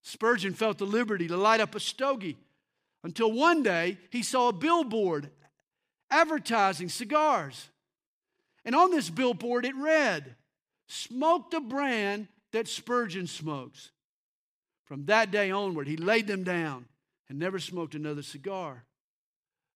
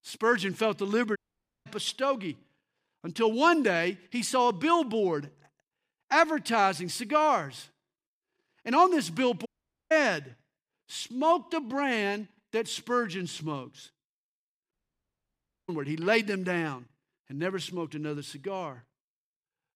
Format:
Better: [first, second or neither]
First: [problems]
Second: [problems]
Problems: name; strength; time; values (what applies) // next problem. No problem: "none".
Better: first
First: none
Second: audio cutting out; at 1 s, at 9.5 s and at 15 s for 1 s